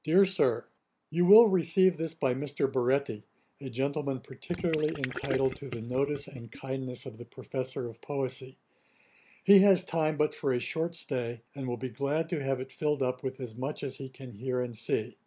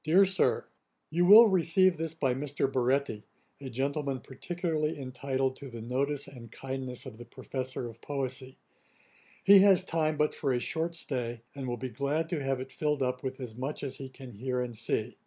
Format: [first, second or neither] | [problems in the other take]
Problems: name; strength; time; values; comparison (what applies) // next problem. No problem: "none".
second | background sound (Gurgling); 11 dB below the speech